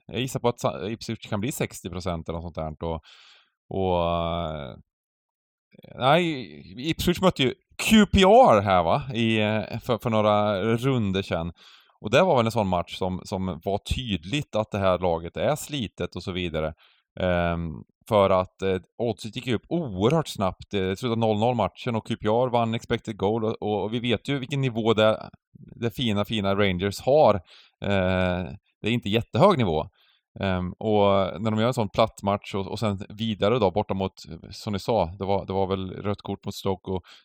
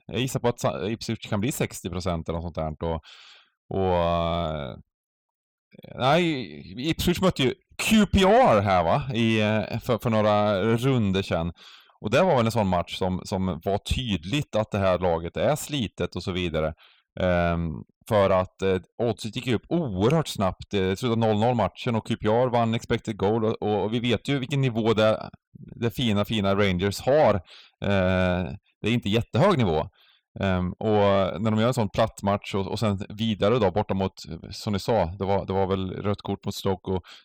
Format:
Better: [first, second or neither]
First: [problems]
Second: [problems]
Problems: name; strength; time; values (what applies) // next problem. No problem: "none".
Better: first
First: none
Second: distortion; slight; 10 dB below the speech